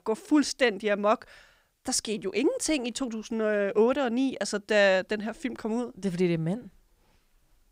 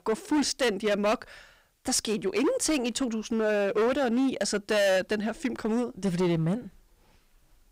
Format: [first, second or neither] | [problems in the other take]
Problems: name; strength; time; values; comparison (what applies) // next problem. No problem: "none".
first | distortion; heavy; 13% of the sound clipped